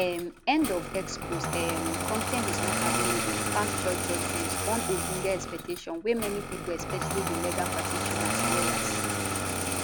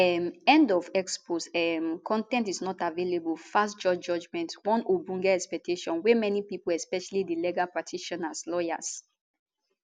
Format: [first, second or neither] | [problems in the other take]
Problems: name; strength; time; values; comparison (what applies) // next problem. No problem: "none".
second | background sound (Engine starting); 2 dB above the speech